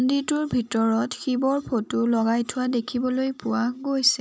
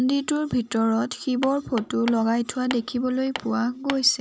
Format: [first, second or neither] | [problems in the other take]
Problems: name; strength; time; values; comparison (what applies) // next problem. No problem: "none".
first | background sound (Hammer); 15 dB below the speech